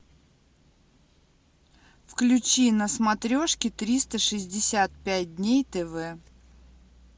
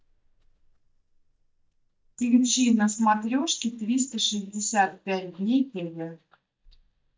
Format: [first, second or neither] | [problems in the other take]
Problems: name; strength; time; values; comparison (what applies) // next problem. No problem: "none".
first | noise reduction (neural mask model DeepFilterNet 3)